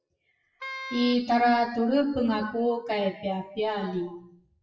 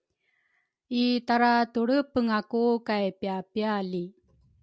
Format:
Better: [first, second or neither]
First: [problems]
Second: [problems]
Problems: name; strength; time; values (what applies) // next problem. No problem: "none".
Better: second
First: noise reduction (classical method WPE with log-MMSE)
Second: none